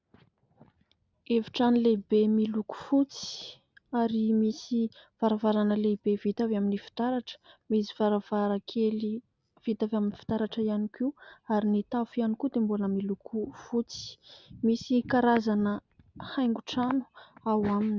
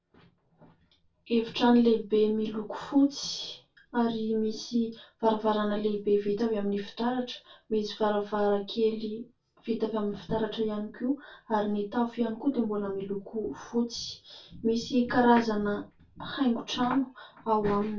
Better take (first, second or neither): first